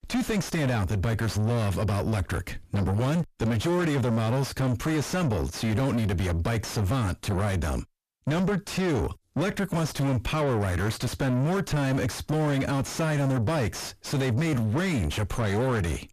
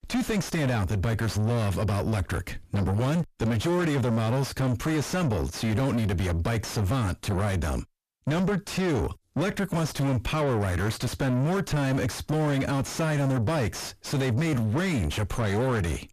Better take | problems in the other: neither | distortion; heavy; 6 dB below the speech; the same in both

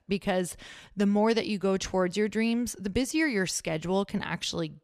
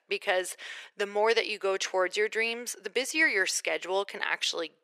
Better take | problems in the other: first | thin; very; fading below 400 Hz

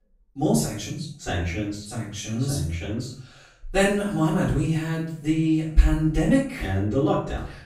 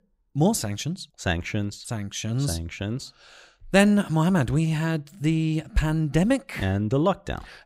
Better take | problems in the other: second | off-mic speech; far // room echo; noticeable; dies away in 0.5 s

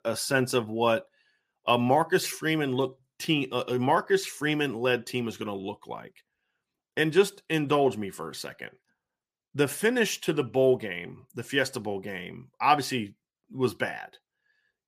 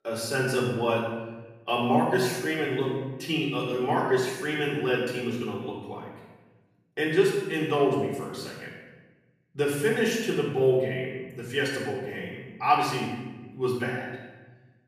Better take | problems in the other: first | off-mic speech; far // room echo; noticeable; dies away in 1.1 s

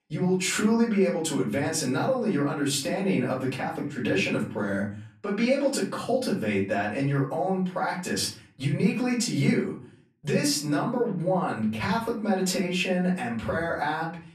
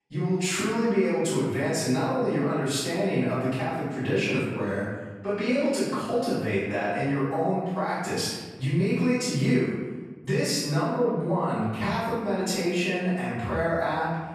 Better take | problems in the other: first | room echo; strong; dies away in 1.2 s; slight in the first // off-mic speech; far; far in the first

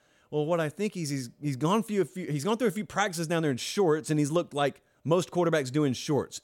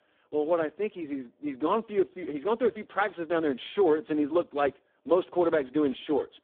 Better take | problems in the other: first | phone-call audio; poor line

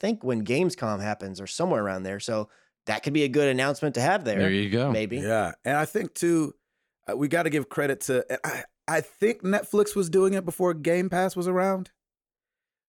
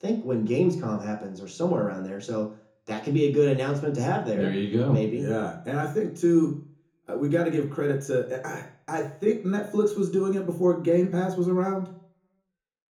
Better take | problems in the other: first | room echo; slight; dies away in 0.6 s // off-mic speech; far

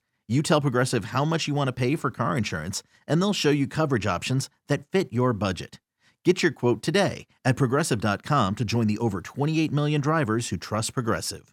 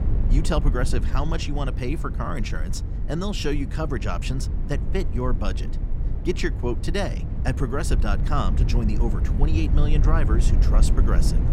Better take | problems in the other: first | low rumble; loud; throughout; 9 dB below the speech

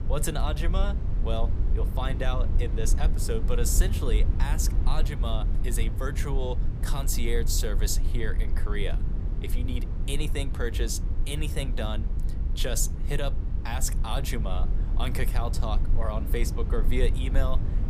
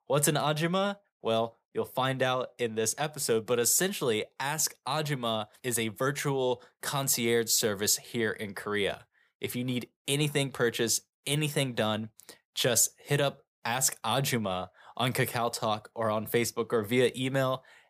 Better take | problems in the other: second | low rumble; noticeable; throughout; 10 dB below the speech

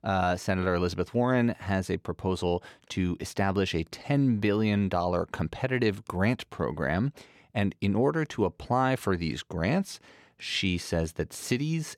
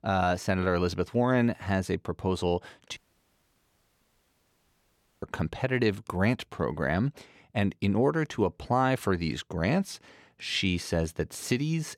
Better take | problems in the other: first | audio cutting out; at 3 s for 2 s

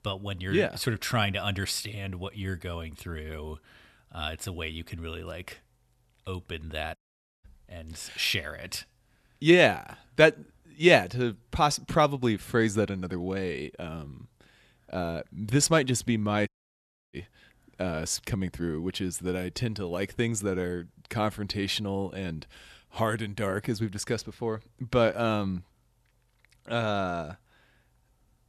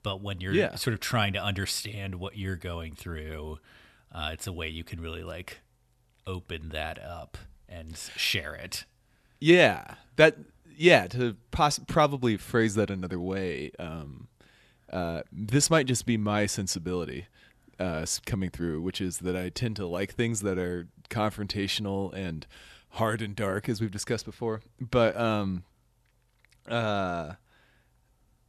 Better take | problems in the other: second | audio cutting out; at 7 s and at 16 s for 0.5 s

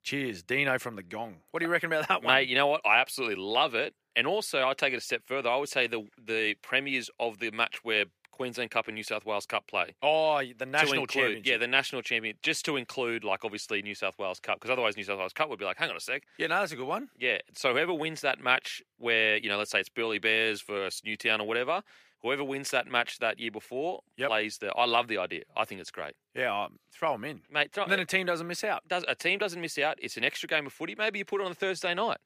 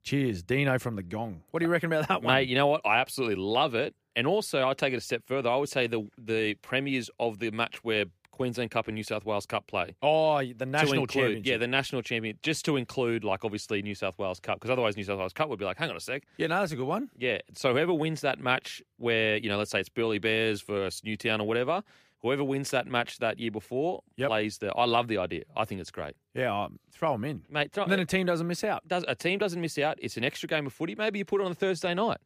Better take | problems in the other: second | thin; very slightly; fading below 550 Hz

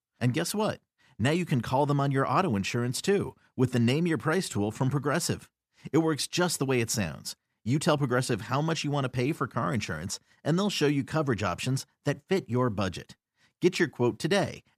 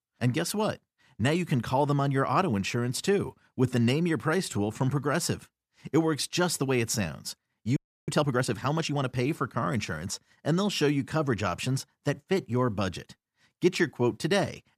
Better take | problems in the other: first | audio freezing; at 8 s

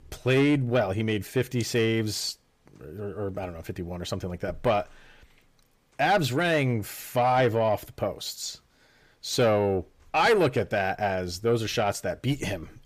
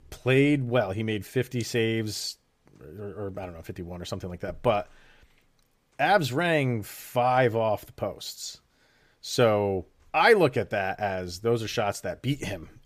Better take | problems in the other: second | distortion; slight; 10 dB below the speech

